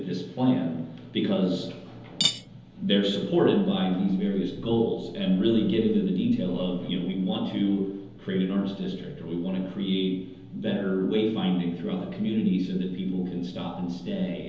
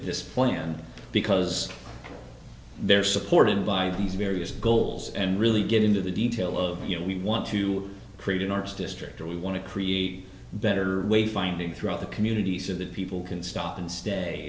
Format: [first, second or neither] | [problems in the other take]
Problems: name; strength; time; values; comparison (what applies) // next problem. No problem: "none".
second | background sound (Cutlery, silverware / Dishes, pots, and pans); 7 dB below the speech // room echo; dies away in 0.9 s